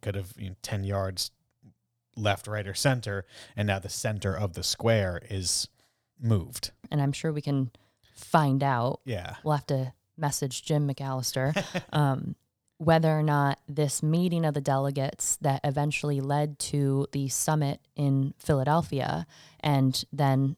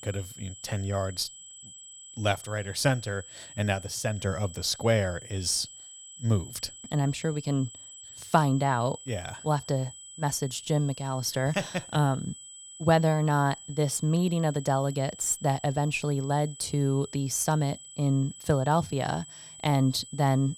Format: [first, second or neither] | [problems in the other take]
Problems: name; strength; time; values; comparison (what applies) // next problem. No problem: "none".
first | high-pitched whine; noticeable; throughout; 8 kHz, 15 dB below the speech